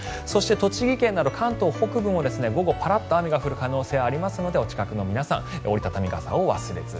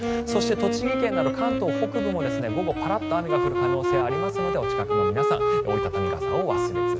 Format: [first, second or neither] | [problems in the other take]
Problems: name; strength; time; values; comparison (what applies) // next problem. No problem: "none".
first | background sound (Wind instrument, woodwind instrument); 3 dB above the speech